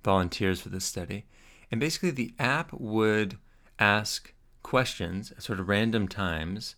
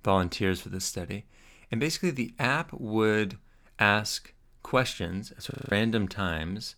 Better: first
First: none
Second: audio freezing; at 5.5 s

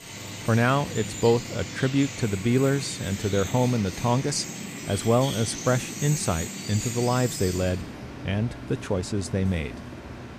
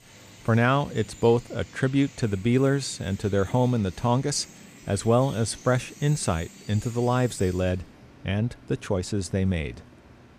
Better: second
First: animal sounds; loud; throughout; 9 dB below the speech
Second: animal sounds; faint; throughout; 20 dB below the speech

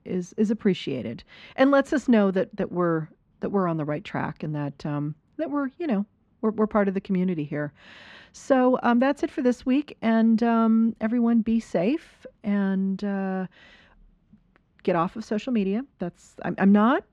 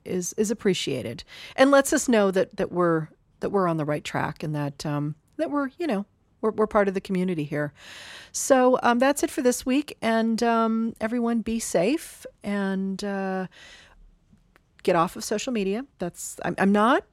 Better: second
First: muffled; slightly; fading above 3 kHz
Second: none

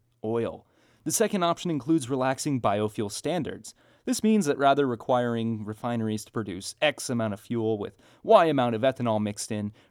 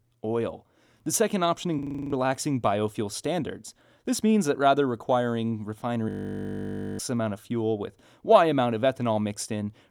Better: first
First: none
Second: audio freezing; at 2 s and at 6 s for 1 s

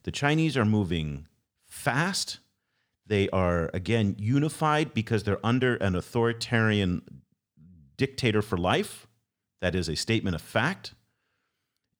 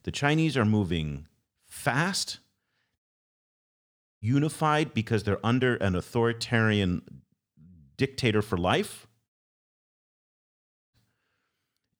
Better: first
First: none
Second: audio cutting out; at 3 s for 1 s and at 9.5 s for 1.5 s

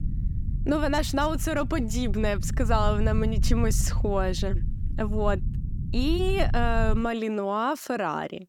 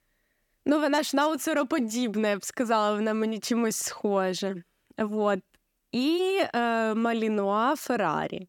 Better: second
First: low rumble; noticeable; until 7 s; 15 dB below the speech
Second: none

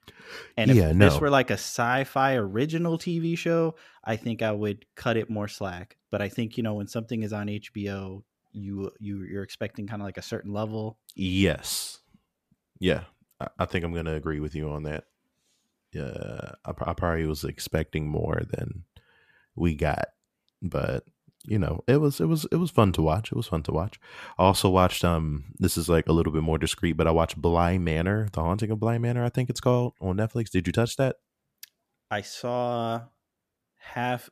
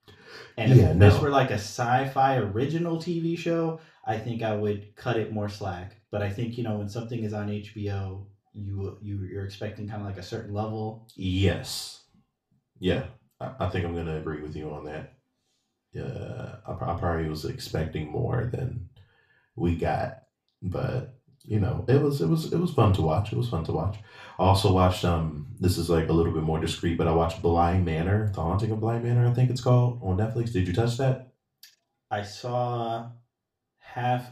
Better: first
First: none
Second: room echo; slight; dies away in 0.3 s // off-mic speech; far

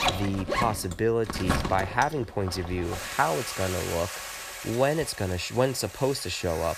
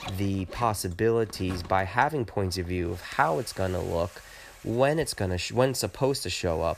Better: second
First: household noises; loud; throughout; 6 dB below the speech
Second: household noises; faint; throughout; 20 dB below the speech

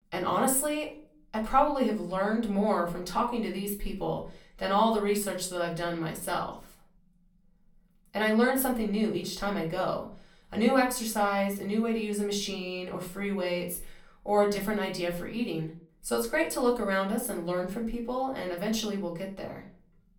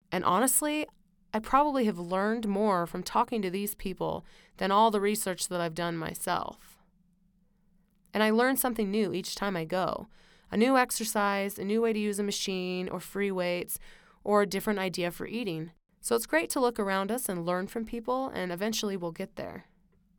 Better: second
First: off-mic speech; far // room echo; slight; dies away in 0.3 s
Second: none

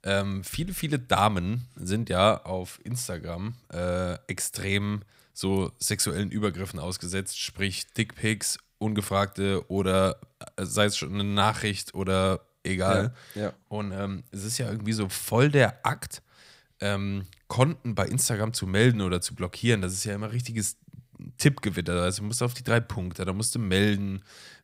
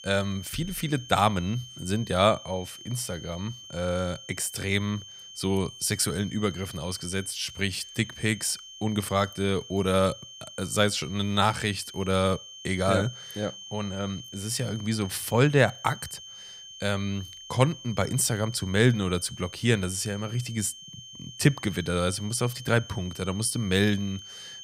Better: first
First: none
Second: high-pitched whine; noticeable; throughout; 3 kHz, 15 dB below the speech

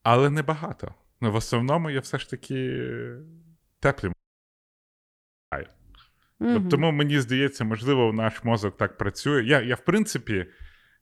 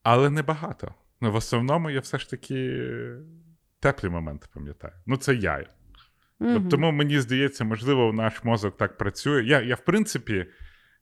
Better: second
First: audio cutting out; at 4 s for 1.5 s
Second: none

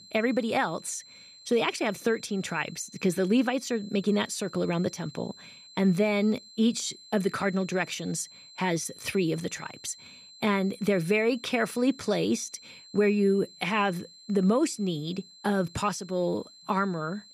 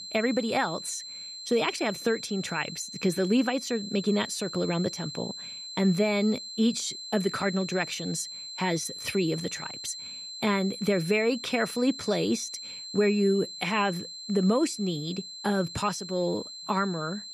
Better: first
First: high-pitched whine; faint; throughout; 4 kHz, 20 dB below the speech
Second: high-pitched whine; loud; throughout; 4 kHz, 9 dB below the speech

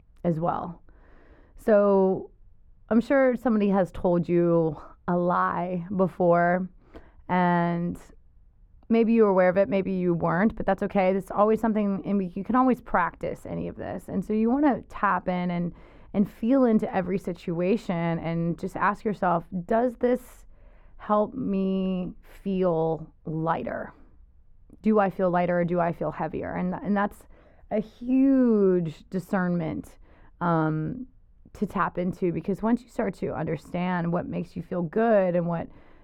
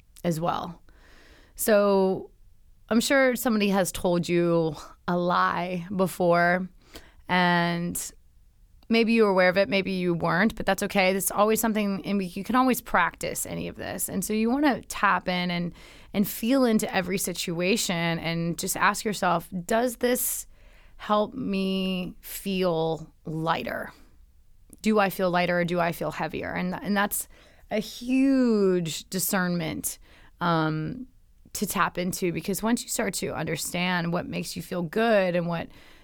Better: second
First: muffled; very; fading above 2.5 kHz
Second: none

